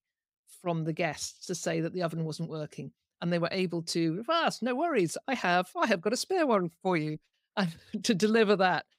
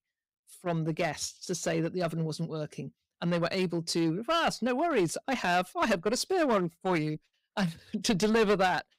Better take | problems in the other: first | distortion; slight; 5% of the sound clipped

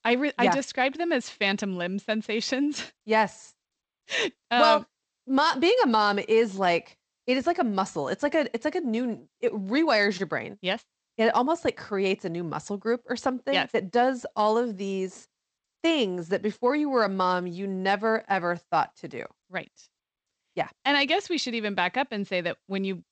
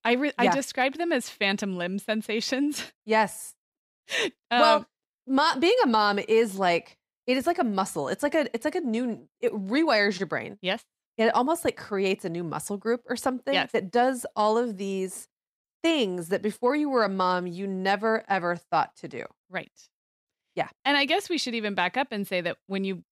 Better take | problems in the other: second | garbled, watery; slightly; nothing above 8 kHz

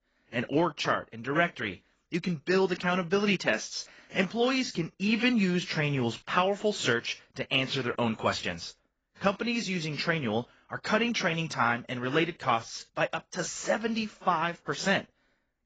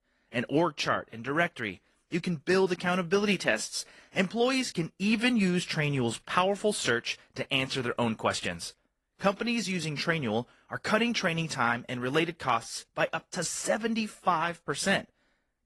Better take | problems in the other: second | garbled, watery; badly; nothing above 7.5 kHz; slightly in the second

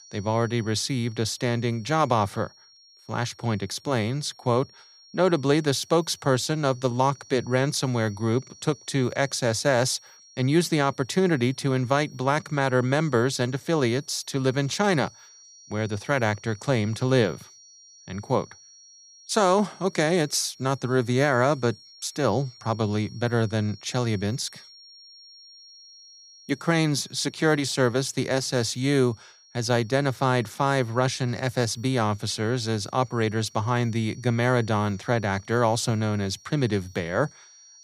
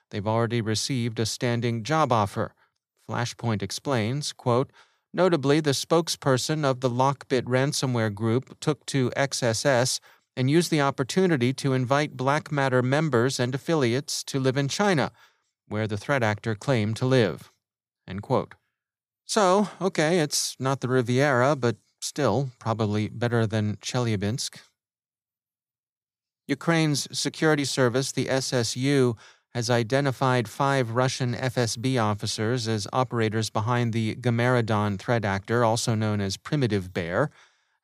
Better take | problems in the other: second | high-pitched whine; faint; throughout; 5.5 kHz, 25 dB below the speech

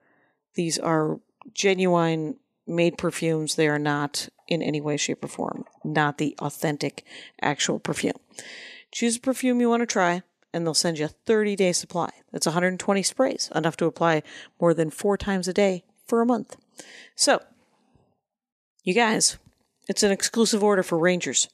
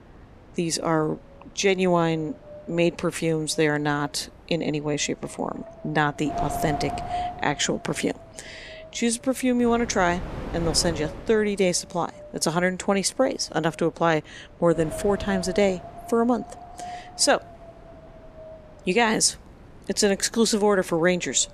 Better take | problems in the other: first | wind noise on the microphone; occasional gusts; 10 dB below the speech

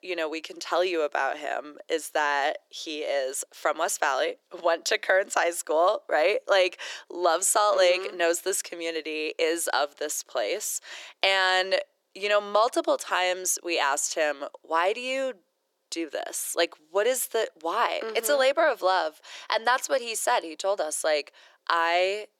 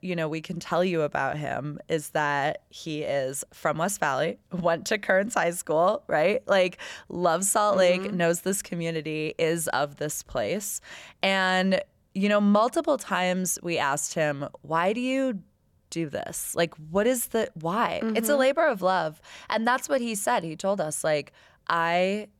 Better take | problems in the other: second | thin; very; fading below 350 Hz

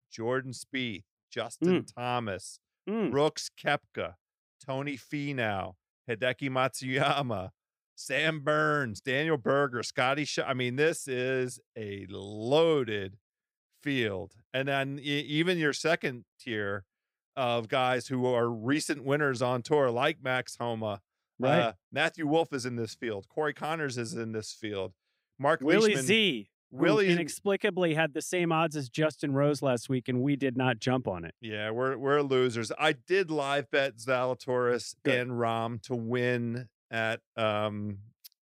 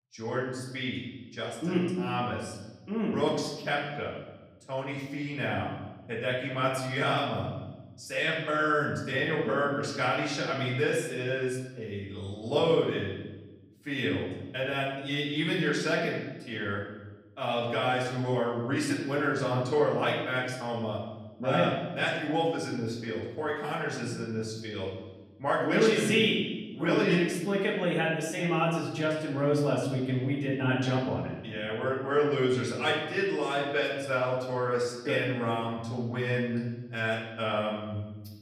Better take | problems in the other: first | off-mic speech; far // room echo; noticeable; dies away in 1.1 s

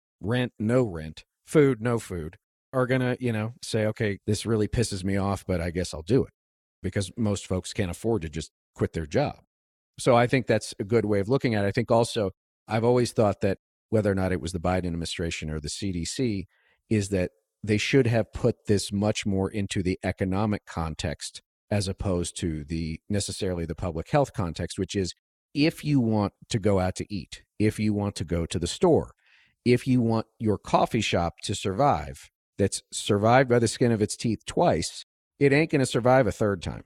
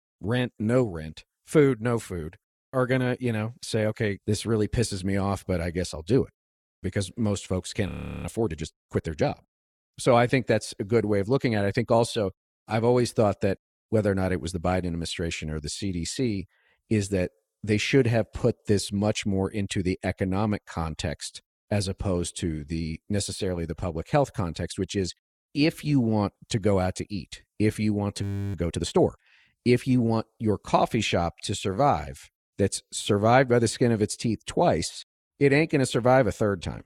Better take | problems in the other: first | audio freezing; at 8 s and at 28 s

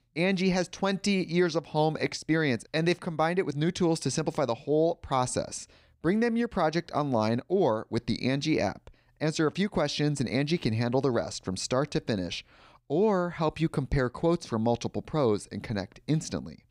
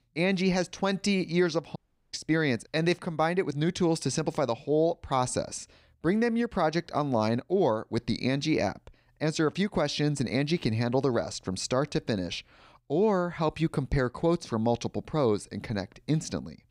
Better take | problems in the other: first | audio cutting out; at 2 s

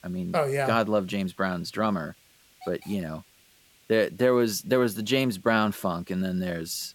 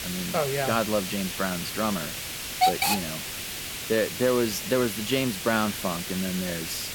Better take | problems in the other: first | hiss; loud; throughout; 2 dB below the speech; faint in the first

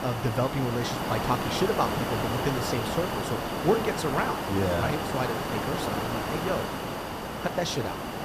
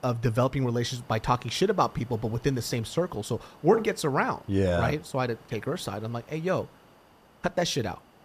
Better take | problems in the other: second | hiss; loud; throughout; 1 dB below the speech; faint in the second

